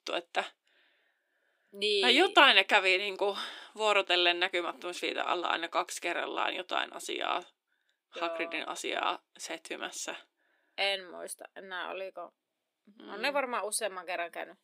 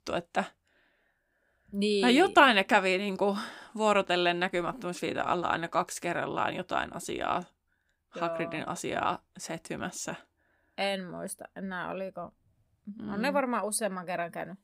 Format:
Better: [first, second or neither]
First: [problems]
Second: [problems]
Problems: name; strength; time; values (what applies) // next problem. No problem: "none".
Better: second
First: thin; somewhat; fading below 350 Hz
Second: none